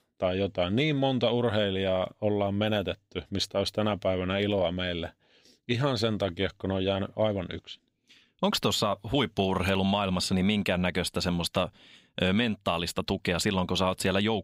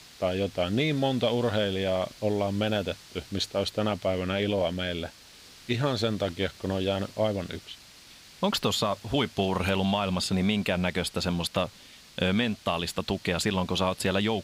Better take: first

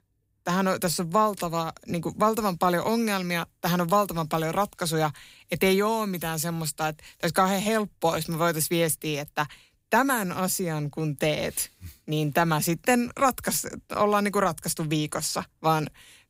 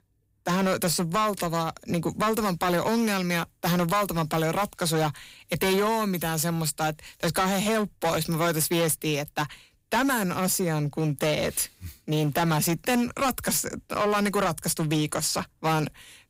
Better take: first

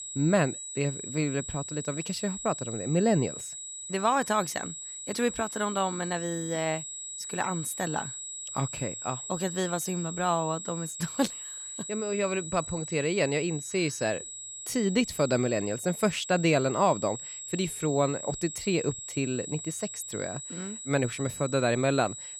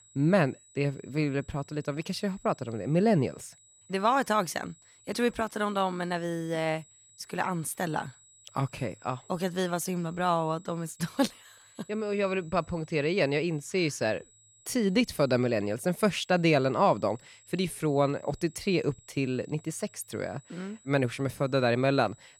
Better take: second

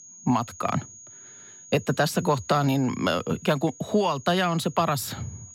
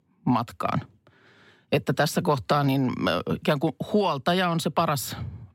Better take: second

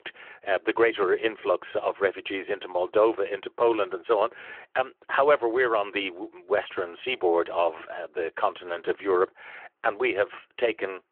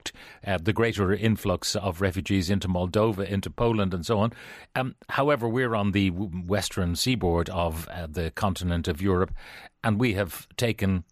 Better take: second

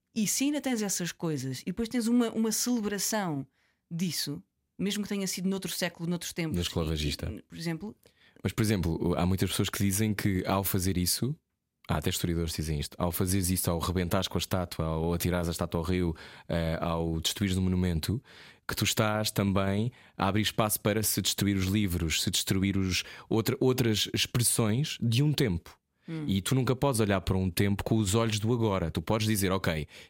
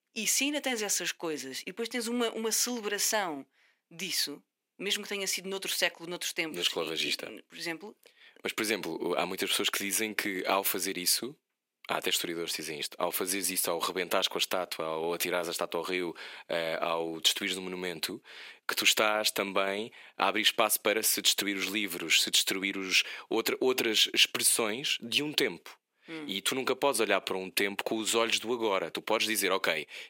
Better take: first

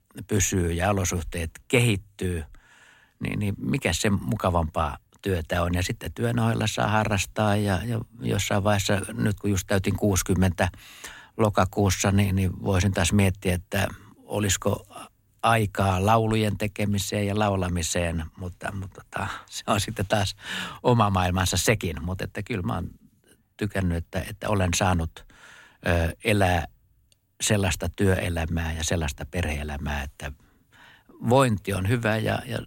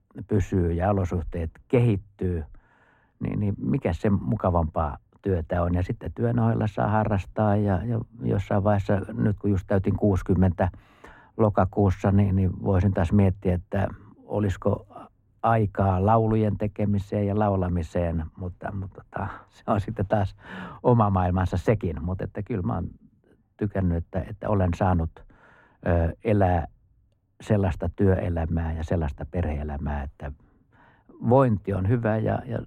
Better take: first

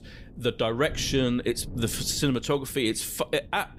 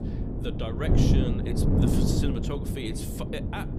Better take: first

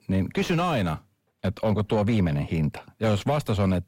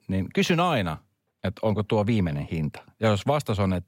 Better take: second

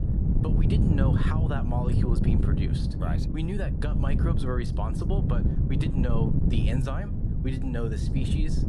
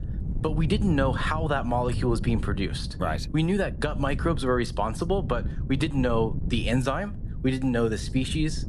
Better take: second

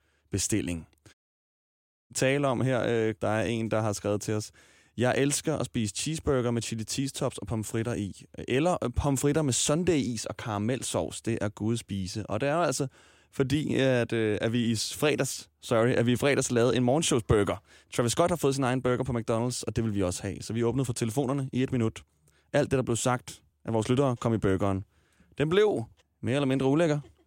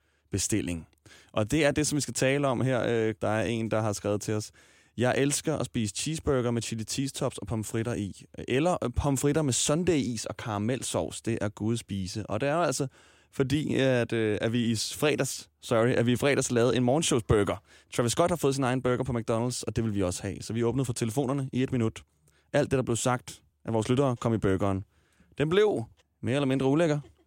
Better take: second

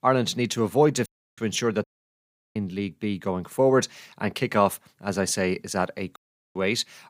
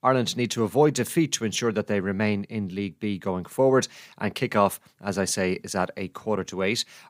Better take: second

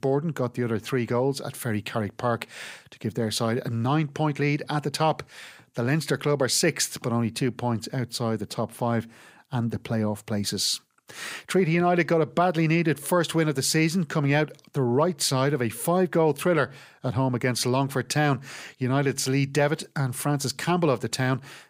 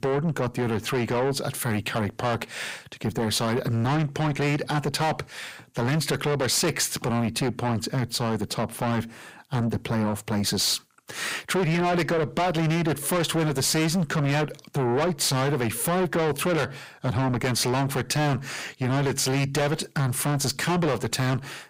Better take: first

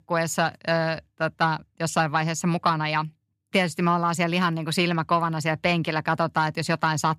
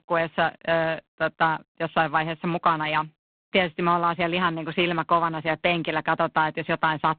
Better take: first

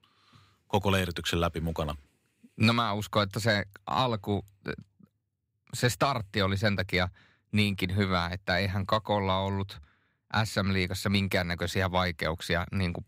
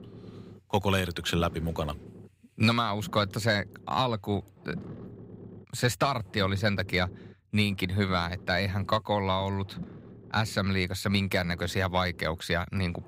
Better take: first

